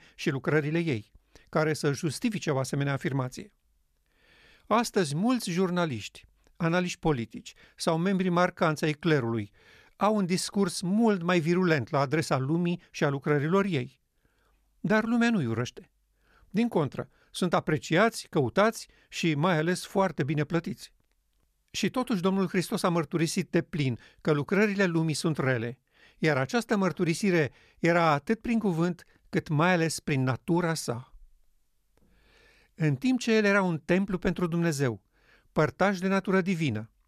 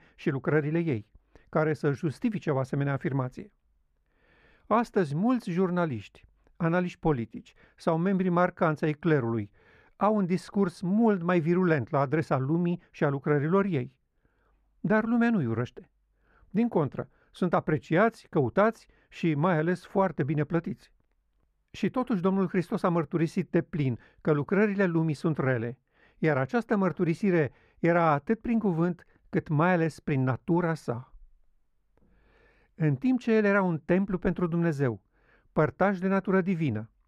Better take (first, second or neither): first